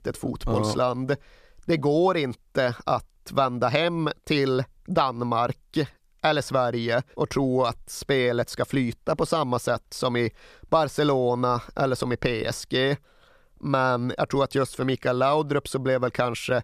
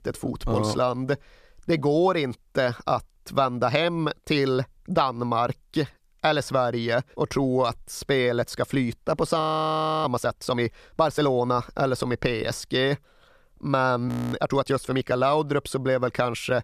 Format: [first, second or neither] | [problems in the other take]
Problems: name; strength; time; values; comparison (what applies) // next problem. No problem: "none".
first | audio freezing; at 9.5 s for 0.5 s and at 14 s